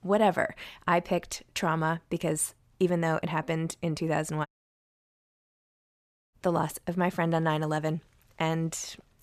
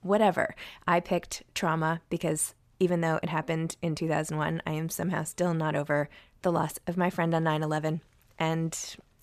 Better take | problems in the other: second | audio cutting out; at 4.5 s for 2 s

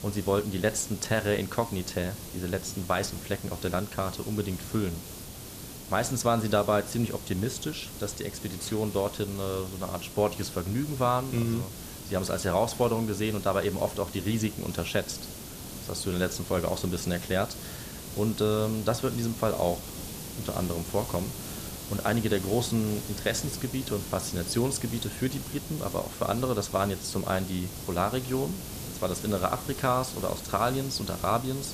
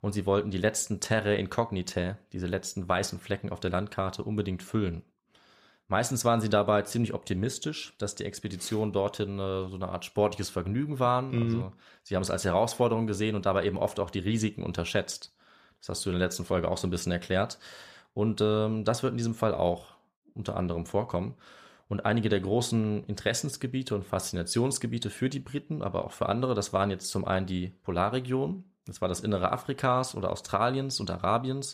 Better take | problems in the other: second | hiss; loud; throughout; 9 dB below the speech

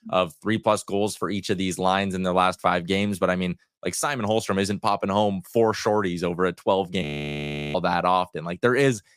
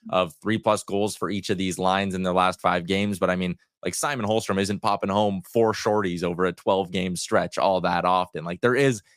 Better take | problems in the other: second | audio freezing; at 7 s for 0.5 s

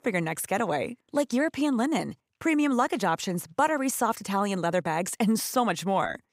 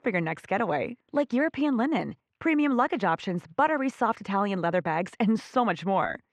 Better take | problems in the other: first | muffled; slightly; fading above 2.5 kHz

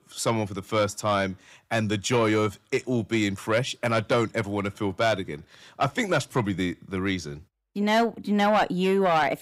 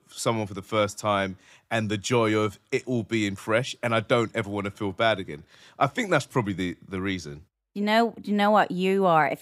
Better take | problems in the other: second | distortion; slight; 10 dB below the speech

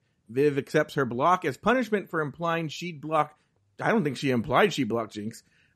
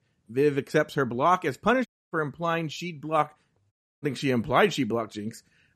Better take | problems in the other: first | audio cutting out; at 2 s and at 3.5 s

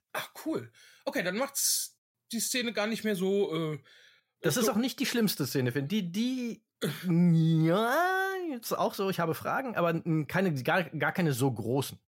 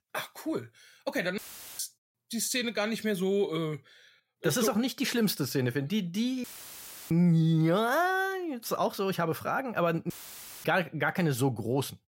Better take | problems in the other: first | audio cutting out; filled with static; at 1.5 s, at 6.5 s for 0.5 s and at 10 s for 0.5 s

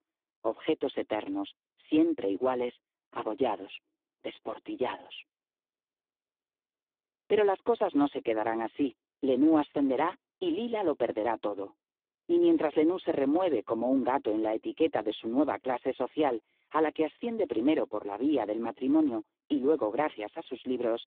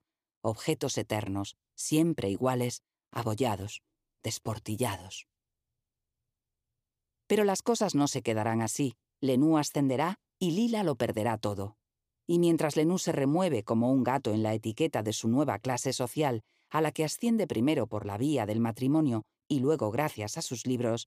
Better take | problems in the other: second | phone-call audio; poor line

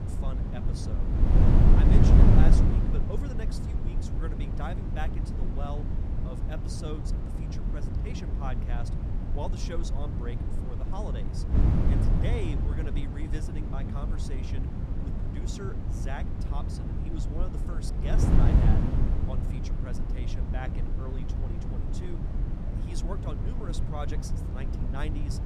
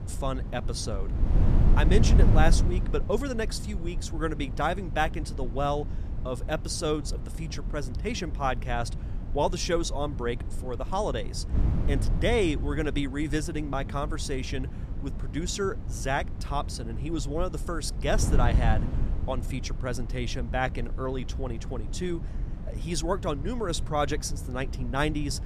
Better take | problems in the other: second | wind noise on the microphone; heavy; 3 dB above the speech; occasional gusts in the second

